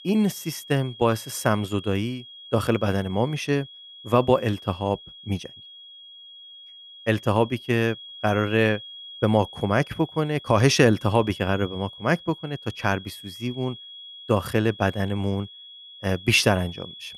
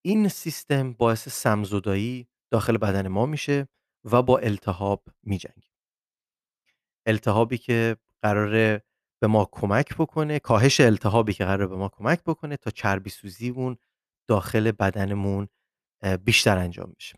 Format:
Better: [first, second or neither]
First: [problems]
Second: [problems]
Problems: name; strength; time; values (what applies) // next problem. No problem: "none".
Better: second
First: high-pitched whine; noticeable; throughout; 3.5 kHz, 15 dB below the speech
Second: none